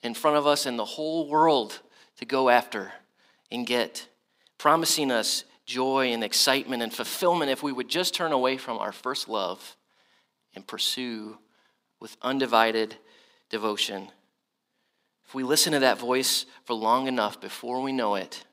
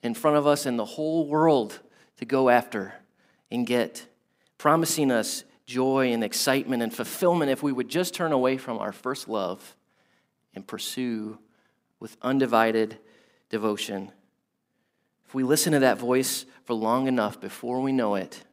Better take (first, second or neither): second